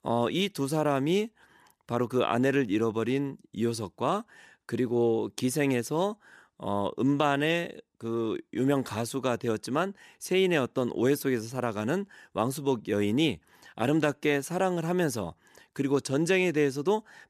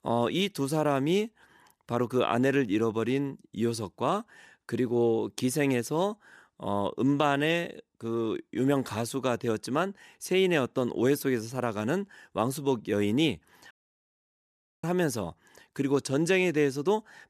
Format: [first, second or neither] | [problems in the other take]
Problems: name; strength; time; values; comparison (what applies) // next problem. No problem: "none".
first | audio cutting out; at 14 s for 1 s